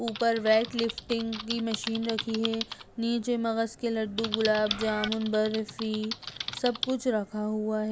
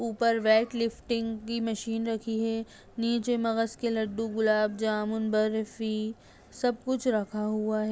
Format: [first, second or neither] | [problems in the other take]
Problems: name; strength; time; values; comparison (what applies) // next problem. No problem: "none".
second | background sound (Bird + Typing); 10 dB below the speech